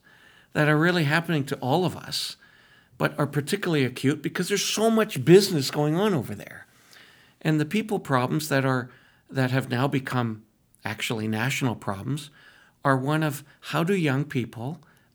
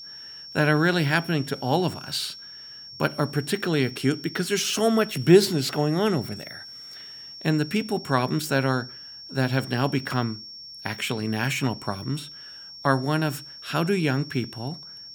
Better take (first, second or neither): first